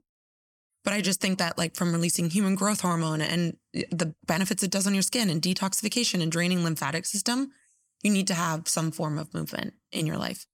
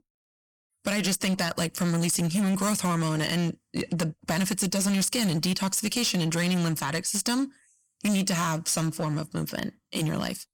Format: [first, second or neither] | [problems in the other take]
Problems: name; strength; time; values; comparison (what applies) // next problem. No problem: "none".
first | distortion; slight; 13% of the sound clipped